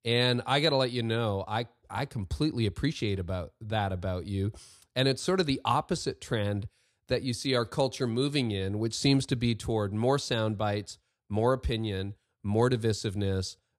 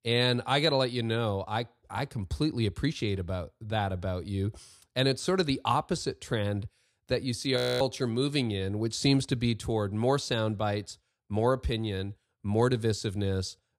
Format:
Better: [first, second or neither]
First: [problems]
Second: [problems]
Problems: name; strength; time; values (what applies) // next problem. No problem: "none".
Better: first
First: none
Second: audio freezing; at 7.5 s